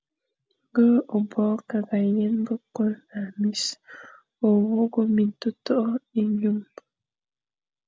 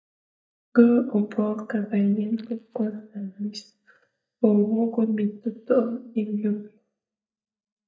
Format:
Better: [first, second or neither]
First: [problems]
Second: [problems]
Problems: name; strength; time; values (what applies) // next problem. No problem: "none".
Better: first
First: none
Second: noise reduction (neural mask model DeepFilterNet 3)